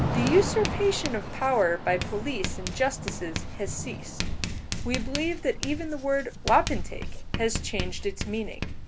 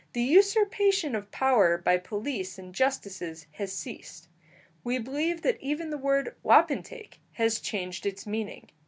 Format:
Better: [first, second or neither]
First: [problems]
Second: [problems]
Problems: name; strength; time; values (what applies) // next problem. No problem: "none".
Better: second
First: background sound (Writing + Thunder / Rain); 3 dB below the speech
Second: none